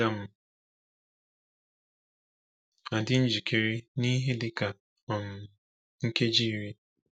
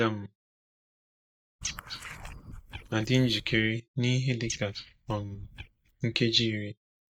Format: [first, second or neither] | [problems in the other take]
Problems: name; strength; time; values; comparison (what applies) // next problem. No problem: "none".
first | noise reduction (neural mask model DeepFilterNet 3)